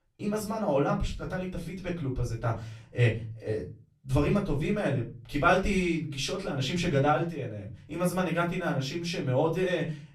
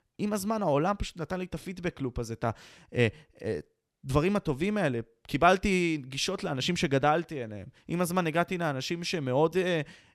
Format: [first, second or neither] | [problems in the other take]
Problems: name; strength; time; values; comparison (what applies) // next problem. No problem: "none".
second | off-mic speech; far // room echo; very slight; dies away in 0.4 s